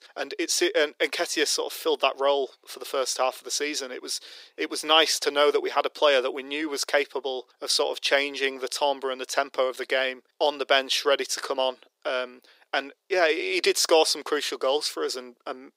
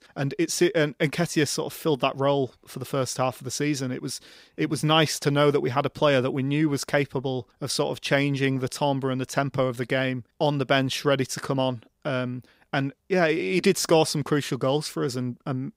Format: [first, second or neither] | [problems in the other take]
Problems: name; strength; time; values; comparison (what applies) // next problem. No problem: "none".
second | thin; very; fading below 400 Hz